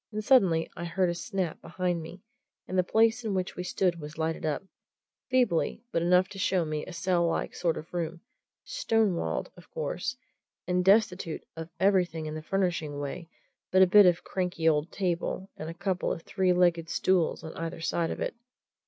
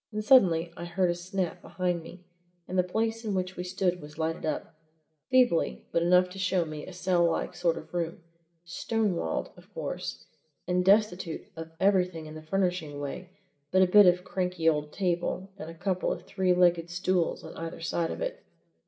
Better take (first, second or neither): first